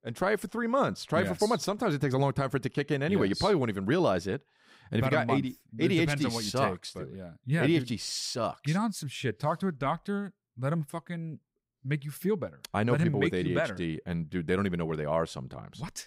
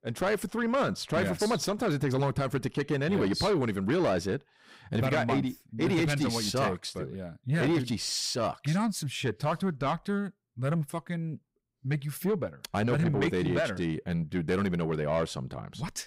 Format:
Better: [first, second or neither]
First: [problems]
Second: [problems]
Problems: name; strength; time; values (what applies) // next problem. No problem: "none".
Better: first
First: none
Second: distortion; slight; 10 dB below the speech